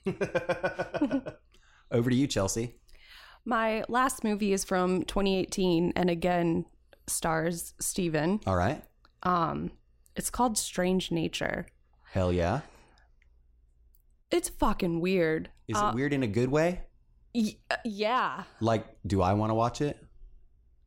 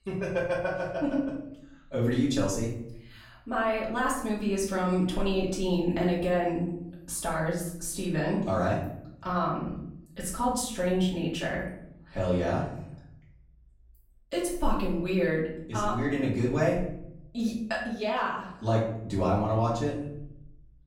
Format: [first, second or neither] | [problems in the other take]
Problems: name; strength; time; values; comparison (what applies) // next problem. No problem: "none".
first | off-mic speech; far // room echo; noticeable; dies away in 0.7 s